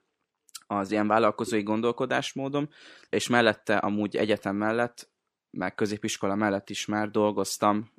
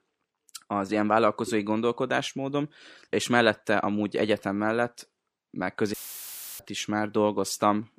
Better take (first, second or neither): first